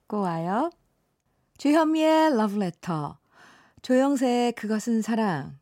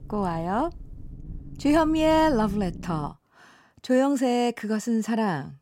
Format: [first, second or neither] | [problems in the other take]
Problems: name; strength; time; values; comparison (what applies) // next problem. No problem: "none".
first | low rumble; faint; until 3 s; 25 dB below the speech